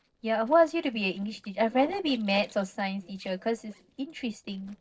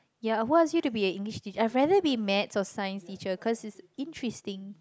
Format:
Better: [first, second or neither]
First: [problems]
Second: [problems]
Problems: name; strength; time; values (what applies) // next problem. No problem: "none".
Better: second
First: noise reduction (neural separator model SepFormer DNS4)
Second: none